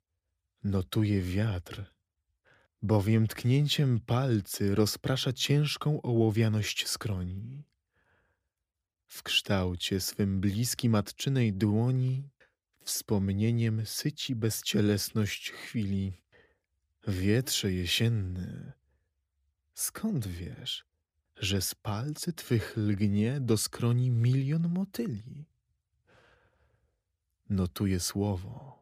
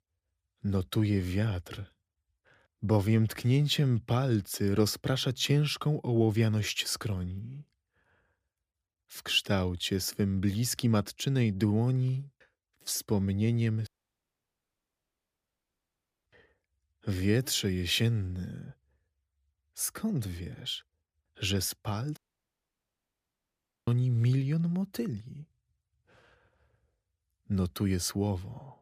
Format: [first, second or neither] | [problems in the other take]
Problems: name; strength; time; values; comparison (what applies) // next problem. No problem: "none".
first | audio cutting out; at 14 s for 2.5 s and at 22 s for 1.5 s